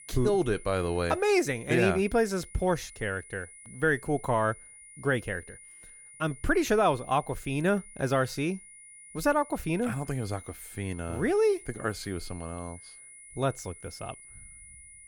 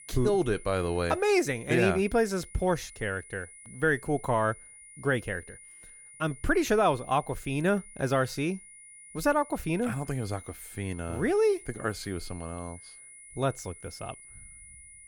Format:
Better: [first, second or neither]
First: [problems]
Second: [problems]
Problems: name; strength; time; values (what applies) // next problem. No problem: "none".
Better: neither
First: high-pitched whine; noticeable; throughout; 9.5 kHz, 20 dB below the speech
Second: high-pitched whine; noticeable; throughout; 9.5 kHz, 20 dB below the speech